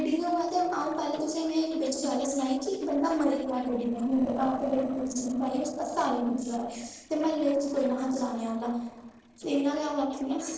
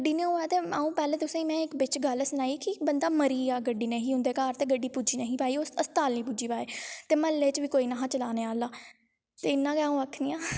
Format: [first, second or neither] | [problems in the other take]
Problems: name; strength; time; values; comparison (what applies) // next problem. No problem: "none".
second | noise reduction (neural separator model SepFormer DNS4)